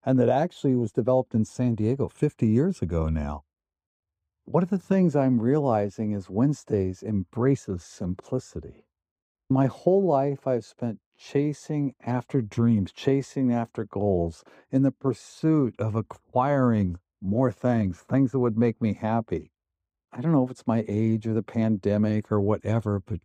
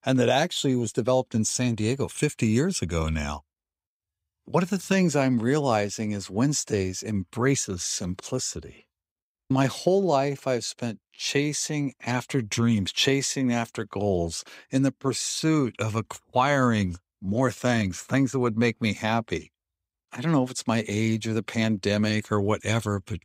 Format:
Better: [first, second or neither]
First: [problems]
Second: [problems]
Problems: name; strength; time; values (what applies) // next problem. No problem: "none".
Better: second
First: muffled; very; fading above 1.5 kHz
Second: none